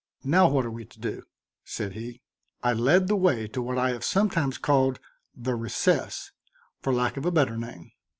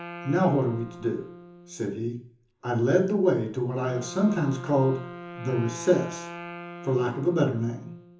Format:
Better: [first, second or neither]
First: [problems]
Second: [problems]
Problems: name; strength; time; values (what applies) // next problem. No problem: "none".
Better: first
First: none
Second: background sound (Wind instrument, woodwind instrument); 15 dB below the speech // room echo; dies away in 0.7 s